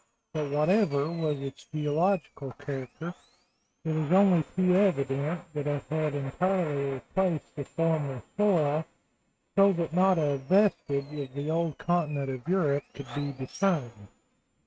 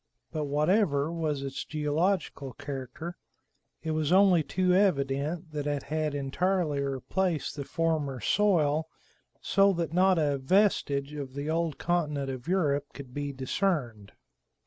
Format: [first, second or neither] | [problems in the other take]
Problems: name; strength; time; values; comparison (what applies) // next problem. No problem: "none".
second | noise reduction (neural mask model RNNoise)